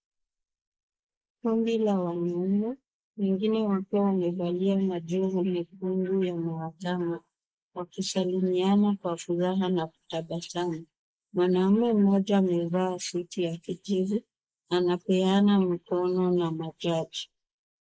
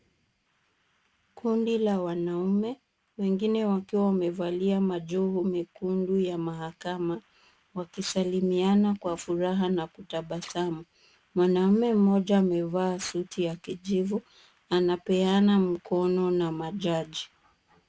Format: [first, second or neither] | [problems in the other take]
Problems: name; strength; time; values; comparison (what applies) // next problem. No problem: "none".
second | noise reduction (neural mask model Resemble Enhance denoiser)